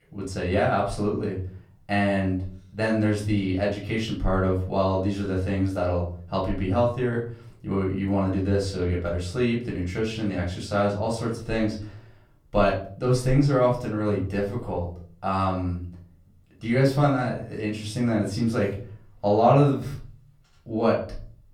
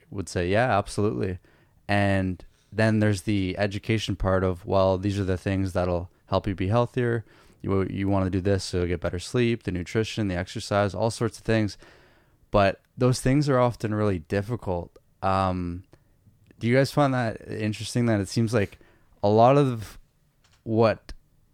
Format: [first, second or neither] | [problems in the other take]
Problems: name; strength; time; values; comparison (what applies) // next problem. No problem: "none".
second | off-mic speech; far // room echo; slight; dies away in 0.4 s